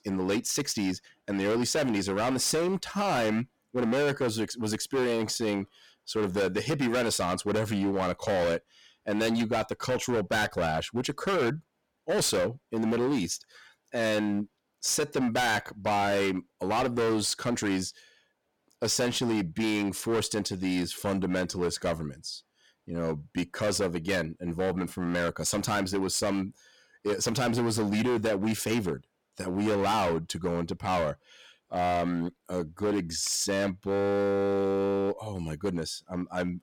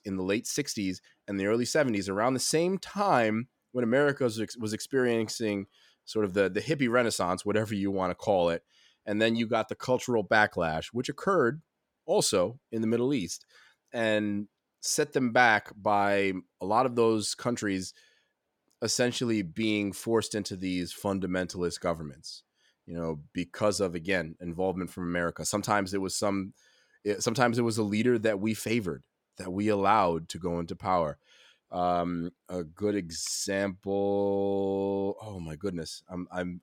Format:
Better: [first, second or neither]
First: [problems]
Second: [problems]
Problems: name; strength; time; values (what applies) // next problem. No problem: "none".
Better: second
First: distortion; heavy; 17% of the sound clipped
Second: none